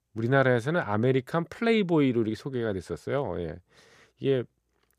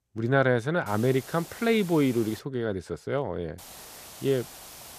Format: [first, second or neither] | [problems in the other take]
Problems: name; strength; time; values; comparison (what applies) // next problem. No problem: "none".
first | hiss; noticeable; from 1 to 2.5 s and from 3.5 s on; 15 dB below the speech